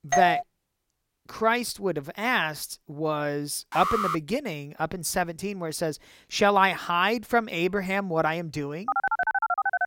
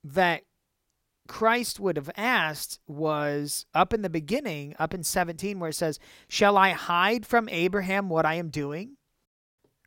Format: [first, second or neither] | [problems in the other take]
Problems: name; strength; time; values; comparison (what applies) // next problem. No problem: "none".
second | doorbell; loud; at the start; peak 2 dB above the speech // alarm; loud; at 3.5 s; peak level with the speech // phone ringing; loud; at 9 s; peak 1 dB above the speech